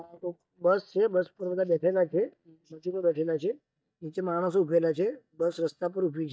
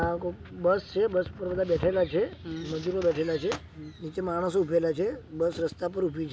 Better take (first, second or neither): second